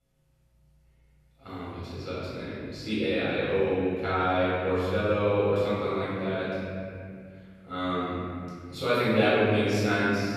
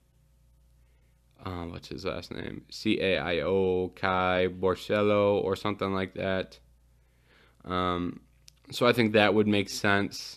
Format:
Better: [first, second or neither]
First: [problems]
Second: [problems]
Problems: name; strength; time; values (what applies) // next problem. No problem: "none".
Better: second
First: off-mic speech; far // room echo; strong; dies away in 2.6 s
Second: none